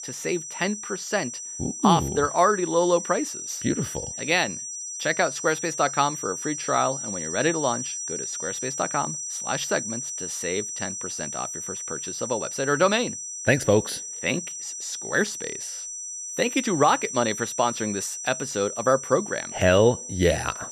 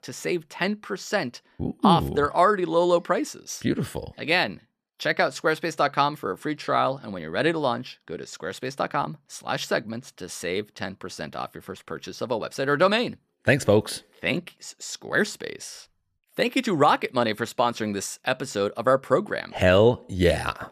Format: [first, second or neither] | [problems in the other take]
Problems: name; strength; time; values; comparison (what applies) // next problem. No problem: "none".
second | high-pitched whine; loud; throughout; 6 kHz, 6 dB below the speech